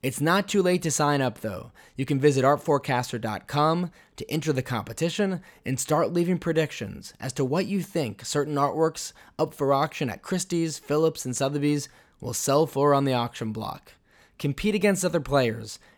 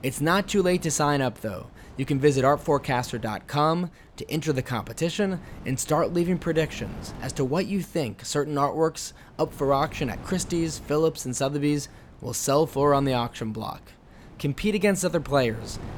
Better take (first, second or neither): first